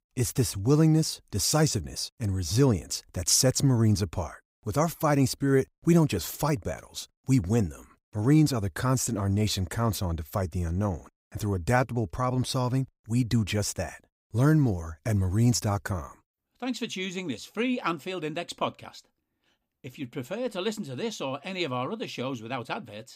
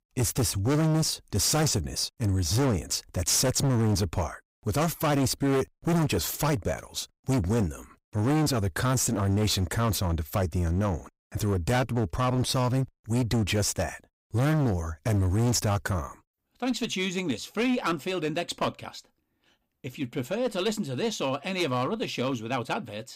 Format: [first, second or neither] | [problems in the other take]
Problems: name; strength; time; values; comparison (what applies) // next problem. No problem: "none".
first | distortion; heavy; 16% of the sound clipped